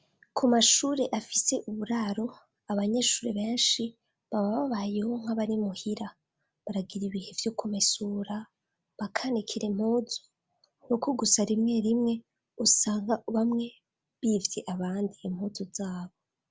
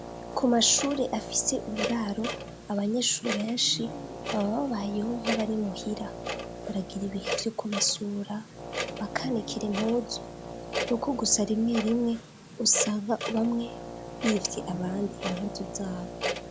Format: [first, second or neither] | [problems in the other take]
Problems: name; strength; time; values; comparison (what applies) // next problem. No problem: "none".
first | background sound (Brass instrument + Clock); 7 dB below the speech